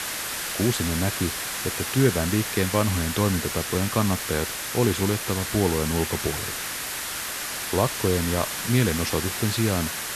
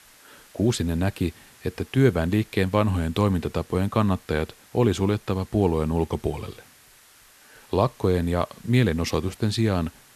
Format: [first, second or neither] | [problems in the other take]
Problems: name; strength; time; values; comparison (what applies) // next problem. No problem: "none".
second | hiss; loud; throughout; 3 dB below the speech; faint in the second